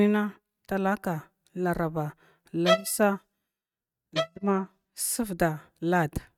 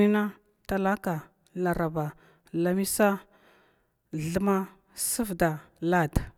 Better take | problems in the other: second | noise reduction (neural mask model RNNoise)

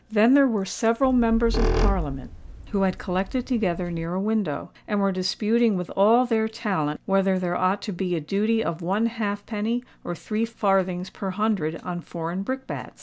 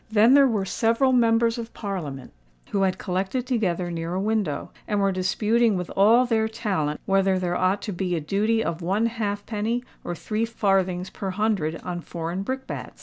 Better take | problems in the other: second | background sound (Squeak); 3 dB below the speech

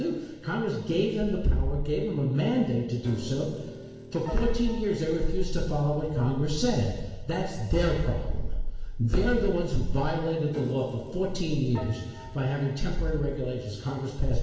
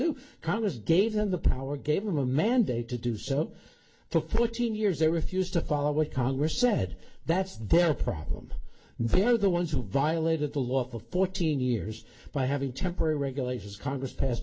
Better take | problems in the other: second | background sound (Piano); 20 dB below the speech // room echo; dies away in 1.1 s

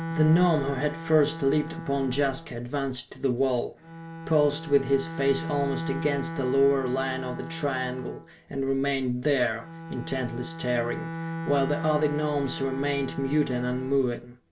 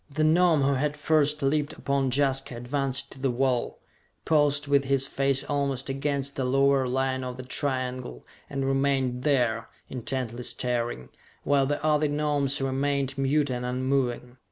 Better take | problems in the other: second | background sound (Bowed string instrument); 10 dB below the speech // room echo; dies away in 0.2 s

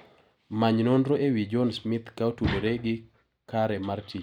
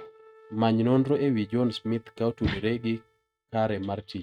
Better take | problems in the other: first | noise reduction (neural mask model RNNoise)

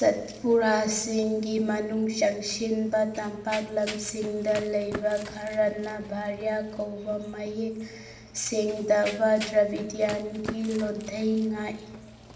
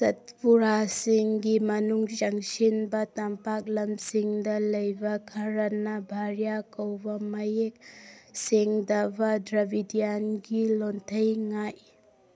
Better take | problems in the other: second | background sound (Run); 16 dB below the speech // room echo; dies away in 1.9 s

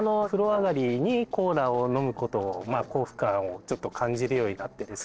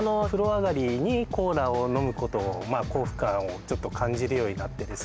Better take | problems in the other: second | noise reduction (neural separator model SepFormer DNS4)

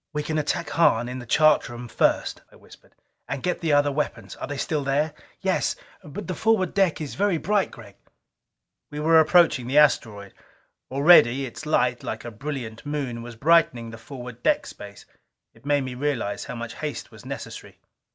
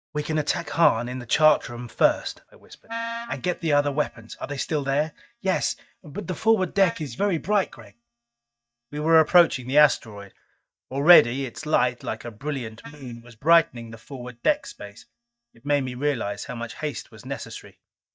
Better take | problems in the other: first | noise reduction (neural mask model DeepFilterNet 3)

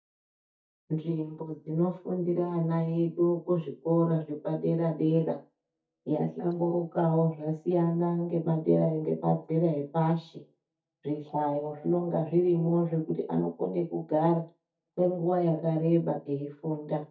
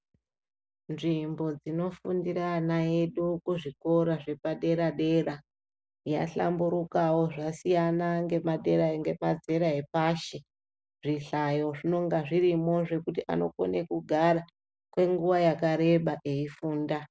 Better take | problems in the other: second | noise reduction (neural mask model DeepFilterNet 3)

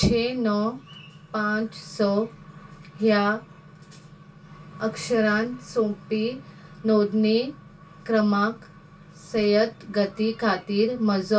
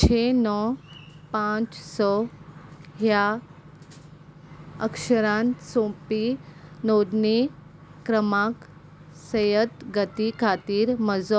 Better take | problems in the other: second | room echo; dies away in 0.2 s

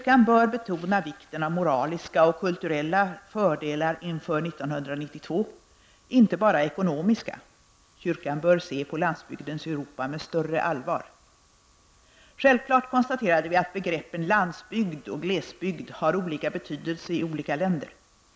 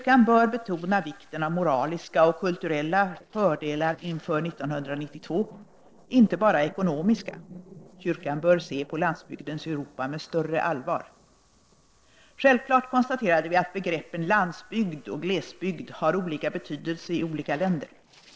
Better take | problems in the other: first | noise reduction (neural separator model SepFormer DNS4)

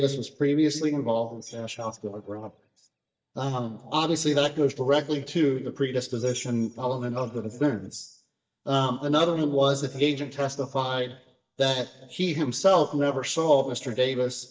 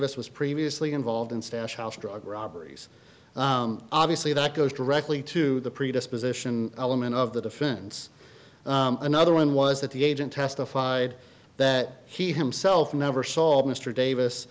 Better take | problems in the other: second | noise reduction (neural mask model DeepFilterNet 3)

